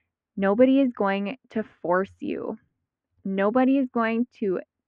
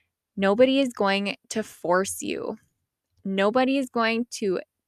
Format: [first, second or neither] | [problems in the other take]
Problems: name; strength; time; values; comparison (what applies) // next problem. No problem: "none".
second | muffled; very; fading above 2 kHz